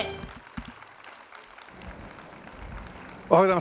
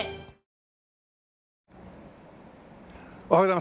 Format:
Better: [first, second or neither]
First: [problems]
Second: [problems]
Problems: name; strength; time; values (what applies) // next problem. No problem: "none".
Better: second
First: background sound (Applause + Computer keyboard); 15 dB below the speech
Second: none